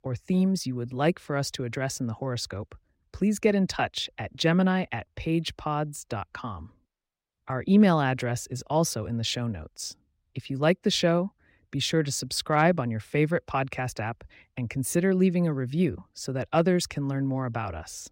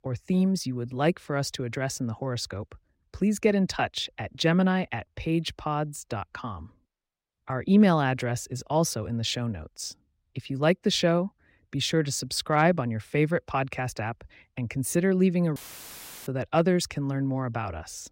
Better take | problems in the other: first | audio cutting out; filled with static; at 16 s for 0.5 s

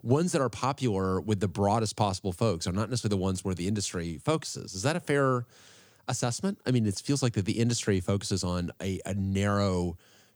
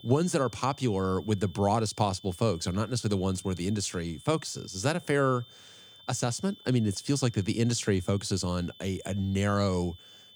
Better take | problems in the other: first | high-pitched whine; faint; throughout; 3.5 kHz, 20 dB below the speech

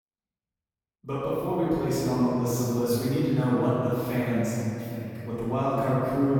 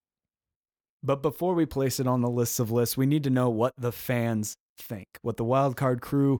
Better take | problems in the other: second | off-mic speech; far // room echo; strong; dies away in 2.7 s

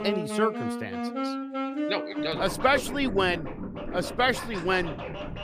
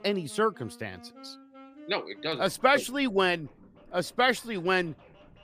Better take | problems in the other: second | background music; loud; throughout; 6 dB below the speech; faint in the second

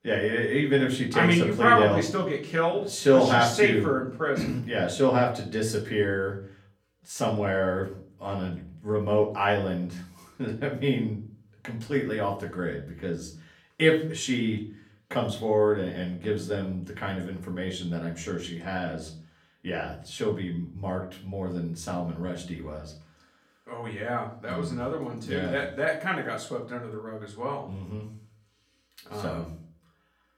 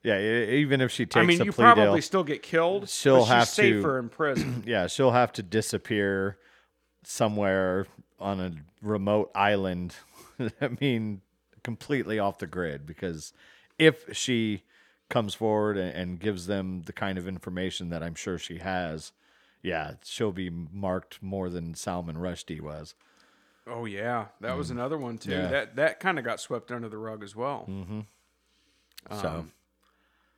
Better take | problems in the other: second | room echo; slight; dies away in 0.4 s // off-mic speech; far

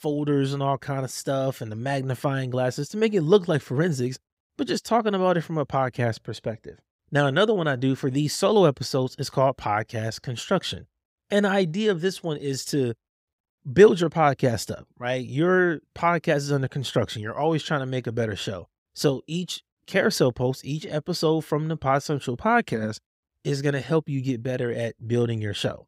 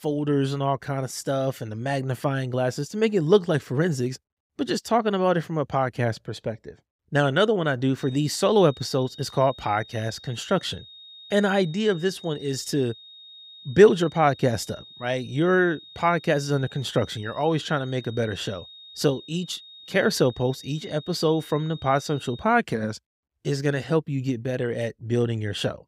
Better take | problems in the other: first | high-pitched whine; noticeable; from 8 to 22 s; 3.5 kHz, 20 dB below the speech

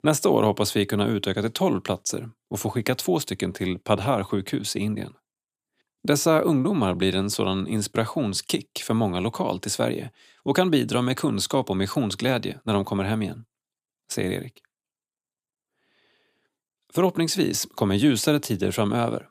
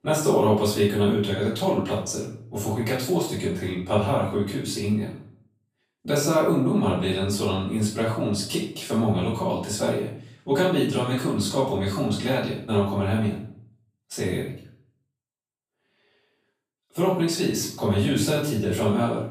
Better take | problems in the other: first | off-mic speech; far // room echo; noticeable; dies away in 0.5 s

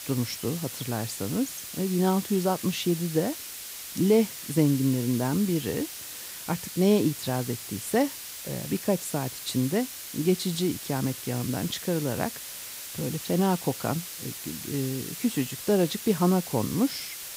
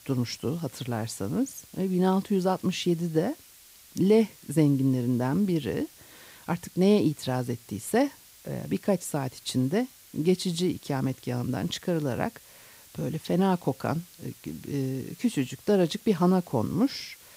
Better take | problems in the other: second | hiss; loud; throughout; 8 dB below the speech; faint in the second

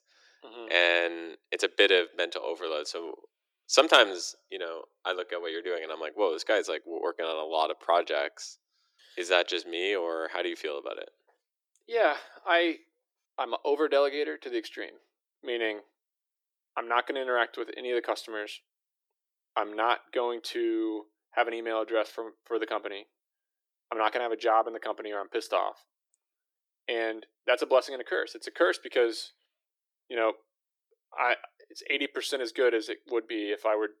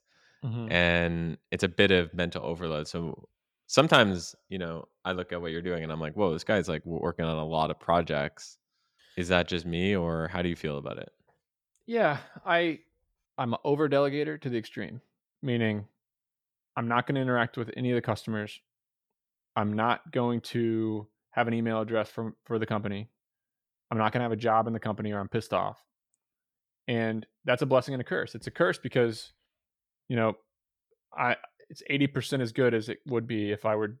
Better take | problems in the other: second | thin; very; fading below 350 Hz

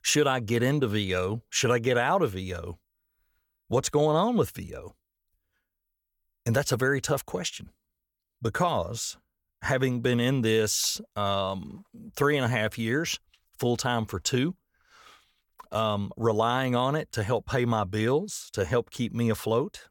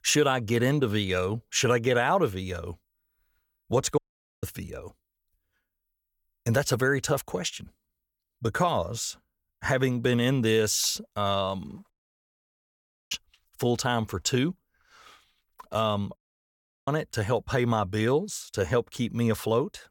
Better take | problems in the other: first | audio cutting out; at 4 s, at 12 s for 1 s and at 16 s for 0.5 s

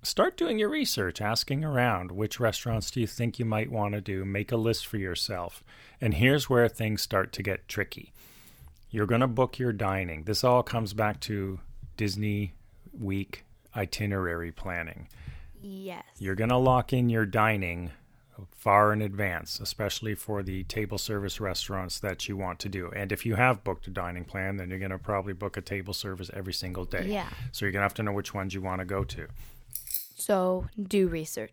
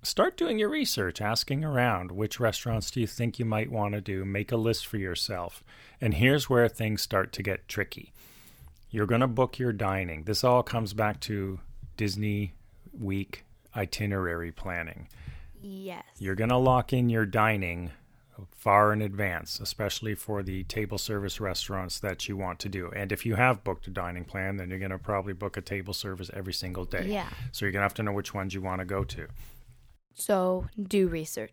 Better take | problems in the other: second | jangling keys; noticeable; at 30 s; peak 3 dB below the speech

